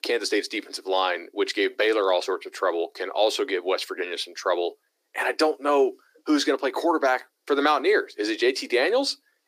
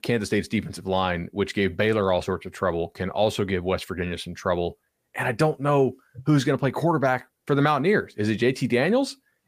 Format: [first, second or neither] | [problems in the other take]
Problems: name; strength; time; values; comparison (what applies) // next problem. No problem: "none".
second | thin; somewhat; fading below 300 Hz